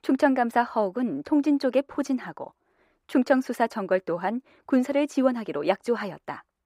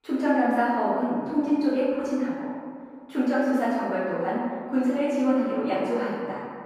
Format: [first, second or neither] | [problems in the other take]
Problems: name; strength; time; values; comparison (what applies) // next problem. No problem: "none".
first | off-mic speech; far // room echo; strong; dies away in 1.8 s